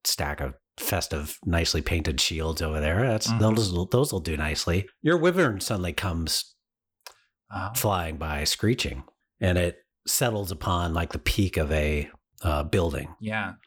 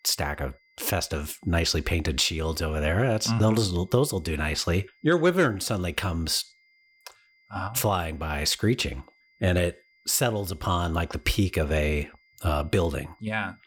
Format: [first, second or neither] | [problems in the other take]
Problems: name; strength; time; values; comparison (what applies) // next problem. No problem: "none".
first | high-pitched whine; faint; throughout; 2 kHz, 35 dB below the speech